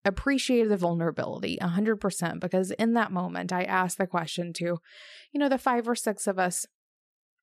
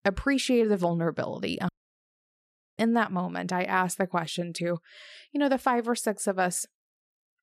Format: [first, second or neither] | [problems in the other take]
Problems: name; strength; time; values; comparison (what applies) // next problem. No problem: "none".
first | audio cutting out; at 1.5 s for 1 s